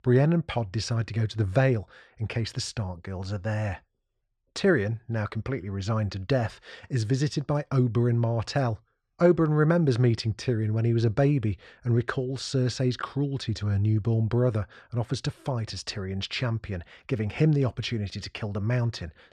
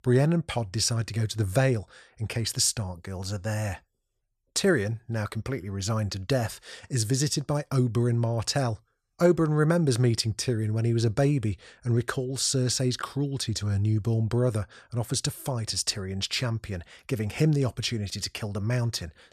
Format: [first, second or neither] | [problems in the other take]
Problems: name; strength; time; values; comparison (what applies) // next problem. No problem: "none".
second | muffled; slightly; fading above 3.5 kHz